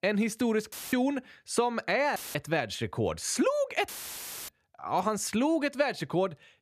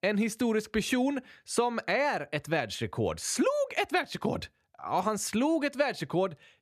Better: second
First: audio cutting out; filled with static; at 0.5 s, at 2 s and at 4 s for 0.5 s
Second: none

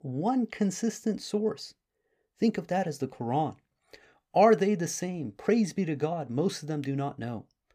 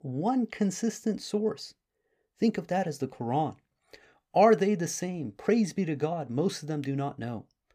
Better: neither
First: none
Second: none

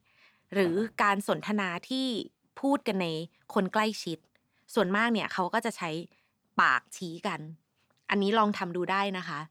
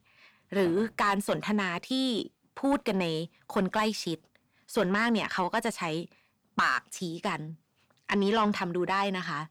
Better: first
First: none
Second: distortion; slight; 10 dB below the speech

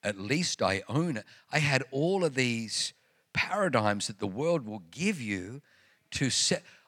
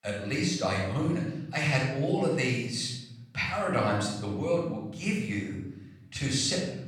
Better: first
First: none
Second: off-mic speech; far // room echo; noticeable; dies away in 1 s

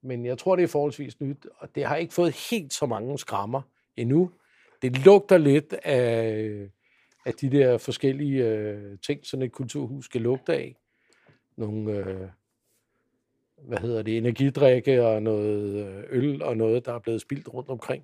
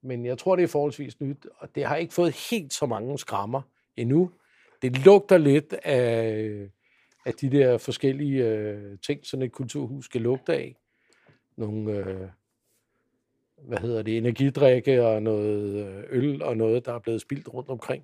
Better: neither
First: none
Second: none

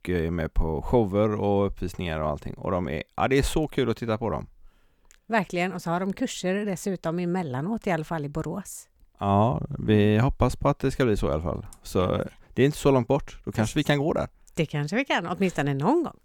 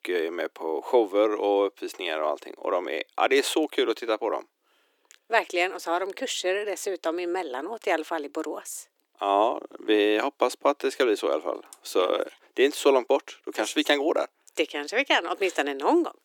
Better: first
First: none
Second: thin; very; fading below 300 Hz

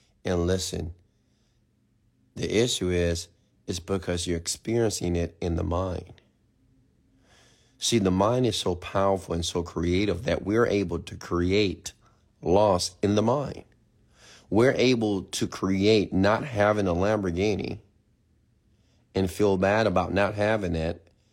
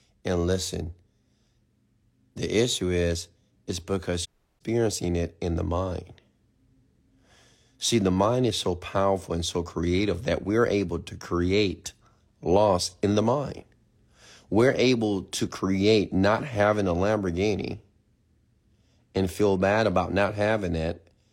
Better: first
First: none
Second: audio cutting out; at 4.5 s

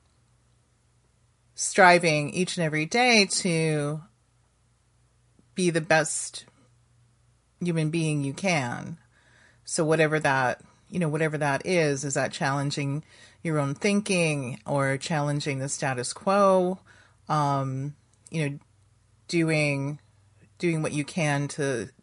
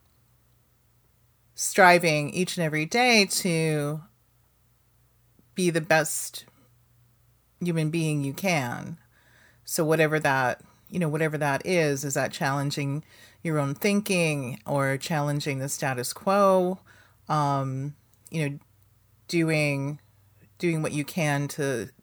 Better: second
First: garbled, watery; slightly; nothing above 10.5 kHz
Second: none

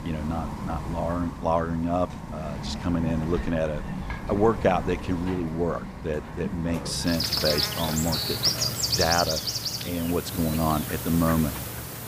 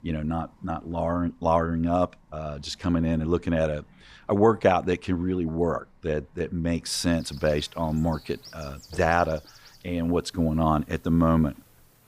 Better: second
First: animal sounds; loud; throughout; 2 dB below the speech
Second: animal sounds; faint; throughout; 25 dB below the speech

